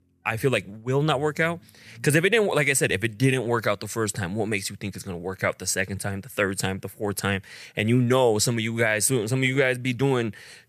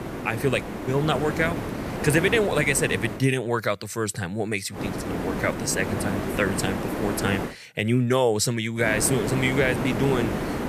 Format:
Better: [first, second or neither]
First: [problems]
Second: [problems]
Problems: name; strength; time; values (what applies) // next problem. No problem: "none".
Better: first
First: none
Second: hiss; loud; until 3 s, from 5 to 7.5 s and from 9 s on; 5 dB below the speech